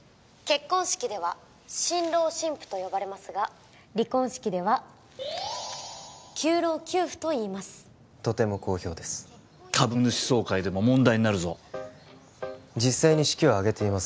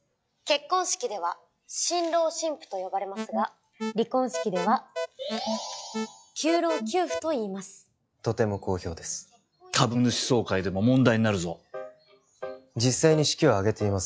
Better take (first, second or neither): first